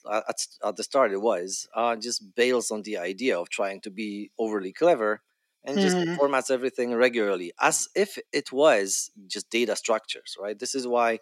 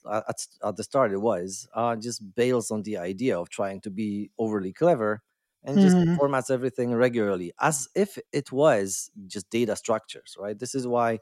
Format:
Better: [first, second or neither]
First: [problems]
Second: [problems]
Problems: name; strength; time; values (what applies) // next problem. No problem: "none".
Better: second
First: thin; very slightly; fading below 250 Hz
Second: none